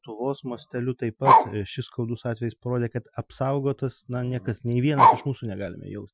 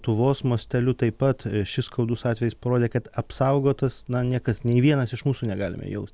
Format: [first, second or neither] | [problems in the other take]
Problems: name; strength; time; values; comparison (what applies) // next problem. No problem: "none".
second | noise reduction (classical method Wiener filter)